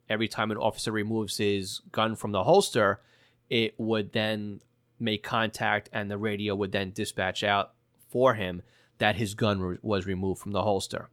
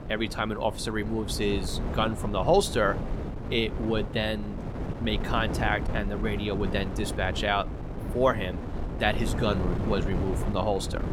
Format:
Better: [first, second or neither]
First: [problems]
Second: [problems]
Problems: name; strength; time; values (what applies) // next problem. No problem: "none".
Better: first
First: none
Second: wind noise on the microphone; occasional gusts; 10 dB below the speech